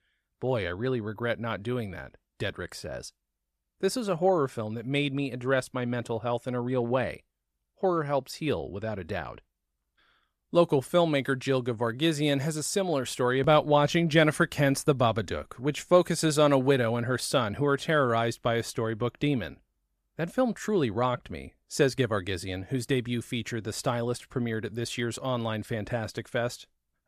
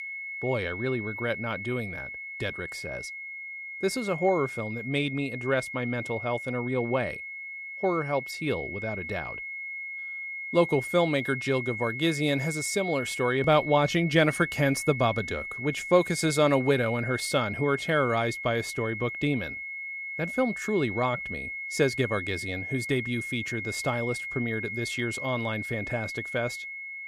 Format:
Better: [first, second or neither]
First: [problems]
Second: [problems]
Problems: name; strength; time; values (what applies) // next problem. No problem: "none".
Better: first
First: none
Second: high-pitched whine; loud; throughout; 2 kHz, 6 dB below the speech